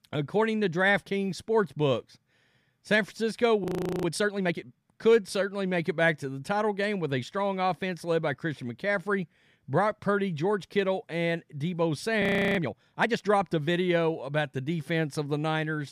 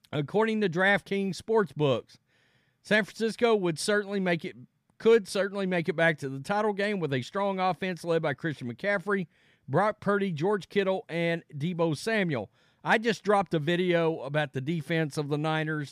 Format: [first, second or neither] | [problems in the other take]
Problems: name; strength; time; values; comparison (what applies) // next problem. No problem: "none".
second | audio freezing; at 3.5 s and at 12 s